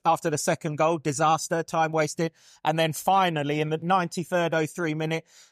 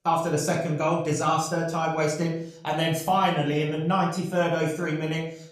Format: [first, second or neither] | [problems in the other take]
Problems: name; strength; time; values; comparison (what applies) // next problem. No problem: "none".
first | room echo; slight; dies away in 0.6 s // off-mic speech; far